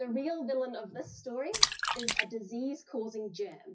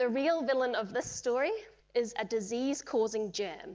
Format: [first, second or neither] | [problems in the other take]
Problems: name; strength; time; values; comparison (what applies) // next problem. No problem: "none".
second | noise reduction (classical method WPE with log-MMSE)